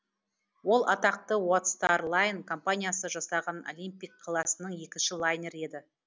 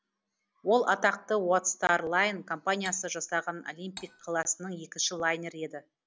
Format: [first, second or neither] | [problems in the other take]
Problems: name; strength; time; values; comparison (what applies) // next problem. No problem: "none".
first | background sound (Cutlery, silverware); 18 dB below the speech